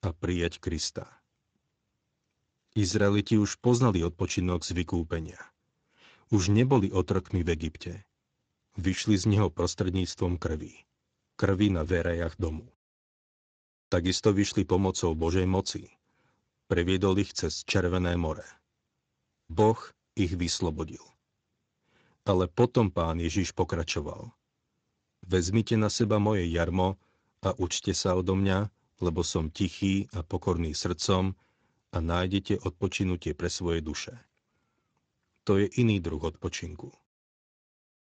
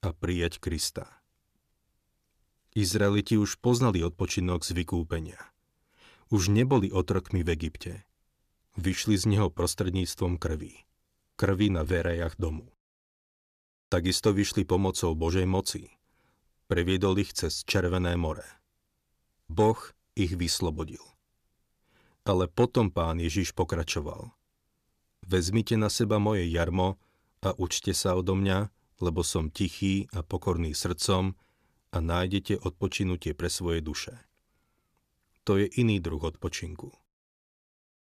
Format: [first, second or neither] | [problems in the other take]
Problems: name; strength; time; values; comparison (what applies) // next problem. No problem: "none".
second | garbled, watery; slightly; nothing above 7.5 kHz